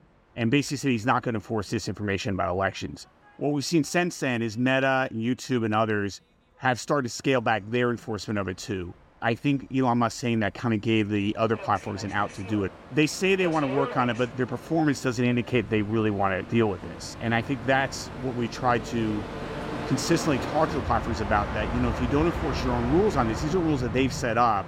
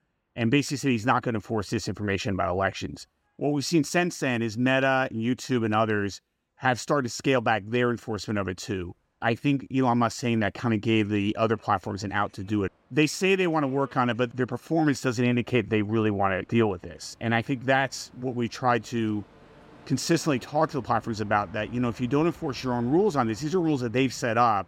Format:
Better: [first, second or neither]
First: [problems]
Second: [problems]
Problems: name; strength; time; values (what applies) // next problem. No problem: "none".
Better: second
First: train or aircraft noise; loud; throughout; 9 dB below the speech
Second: train or aircraft noise; faint; throughout; 25 dB below the speech